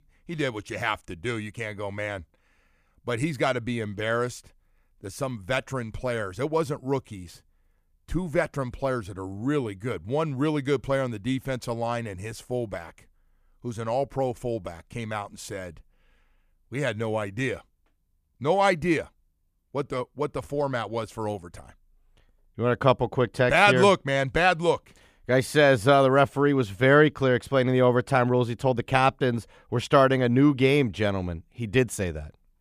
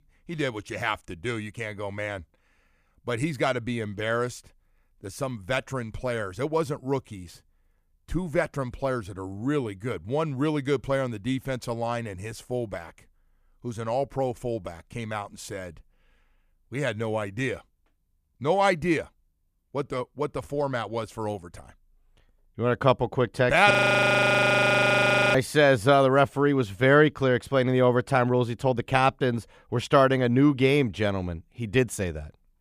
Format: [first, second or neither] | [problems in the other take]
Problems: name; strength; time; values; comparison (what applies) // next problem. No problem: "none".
first | audio freezing; at 24 s for 1.5 s